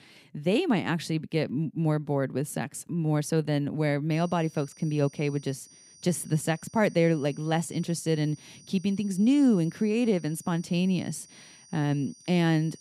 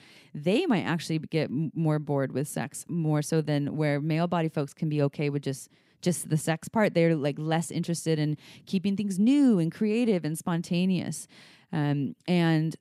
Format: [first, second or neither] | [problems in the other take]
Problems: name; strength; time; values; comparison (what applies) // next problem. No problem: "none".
second | high-pitched whine; faint; from 4 s on; 6 kHz, 25 dB below the speech